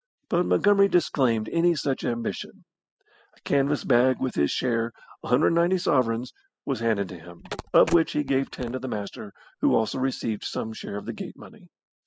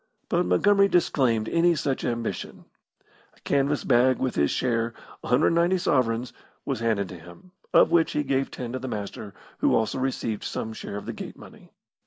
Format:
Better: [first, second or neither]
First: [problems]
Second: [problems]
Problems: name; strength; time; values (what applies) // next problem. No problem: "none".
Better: second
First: noise reduction (classical method spectral subtraction)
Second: none